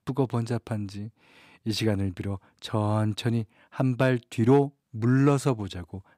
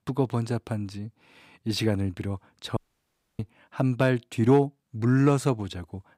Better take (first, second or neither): first